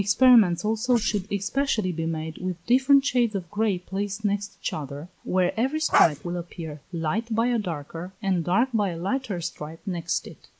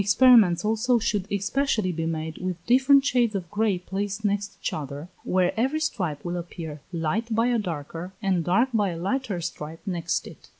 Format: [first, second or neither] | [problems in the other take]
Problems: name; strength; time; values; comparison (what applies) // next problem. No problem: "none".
second | noise reduction (neural mask model Resemble Enhance denoiser)